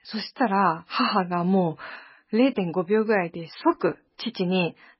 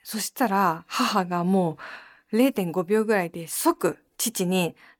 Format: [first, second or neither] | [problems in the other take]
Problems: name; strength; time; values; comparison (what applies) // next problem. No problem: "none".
second | garbled, watery; badly; nothing above 5.5 kHz